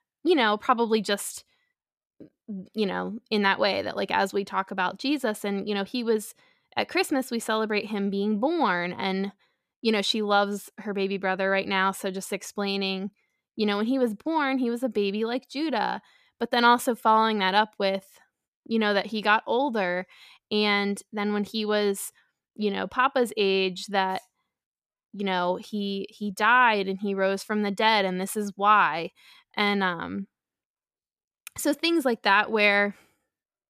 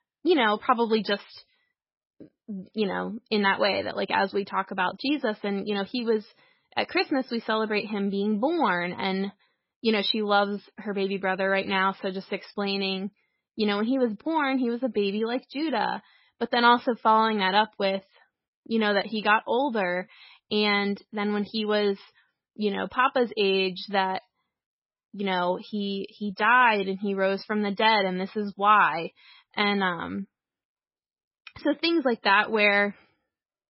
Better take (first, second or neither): first